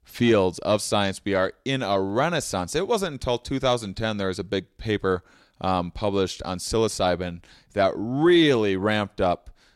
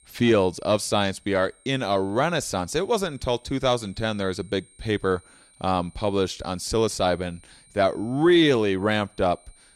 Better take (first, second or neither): first